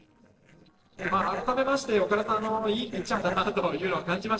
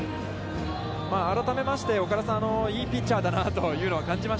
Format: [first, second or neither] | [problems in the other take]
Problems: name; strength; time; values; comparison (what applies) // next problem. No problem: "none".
second | noise reduction (neural separator model SepFormer DNS4)